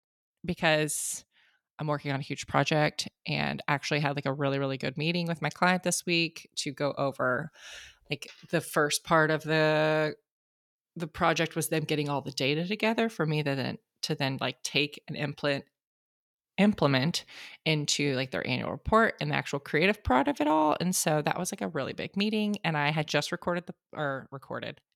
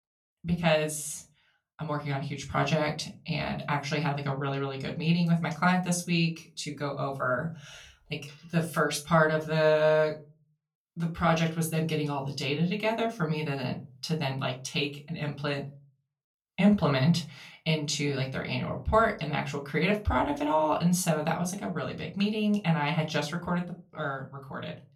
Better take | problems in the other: first | off-mic speech; far // room echo; very slight; dies away in 0.3 s

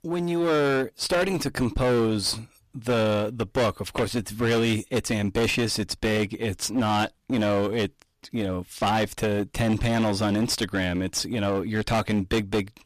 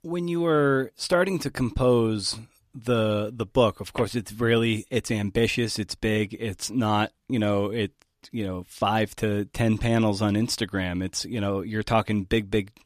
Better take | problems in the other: second | distortion; heavy; 19% of the sound clipped

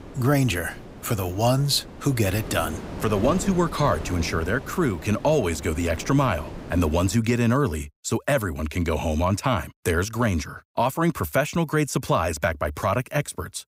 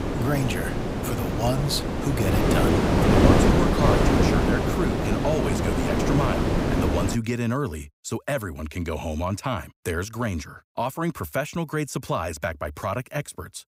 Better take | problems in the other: first | wind noise on the microphone; heavy; until 7 s; 4 dB above the speech; occasional gusts in the first

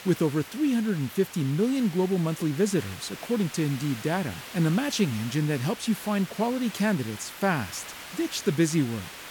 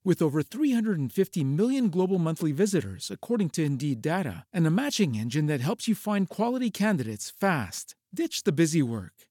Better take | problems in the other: second | hiss; noticeable; throughout; 15 dB below the speech

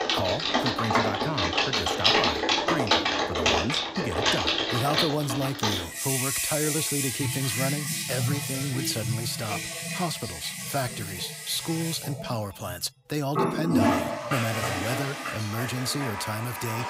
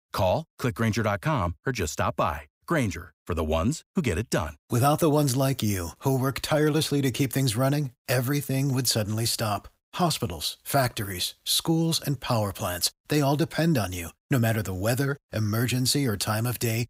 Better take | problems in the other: second | household noises; very loud; throughout; 4 dB above the speech

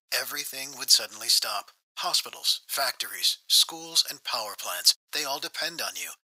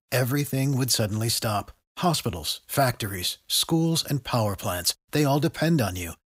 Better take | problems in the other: second | thin; very; fading below 1 kHz

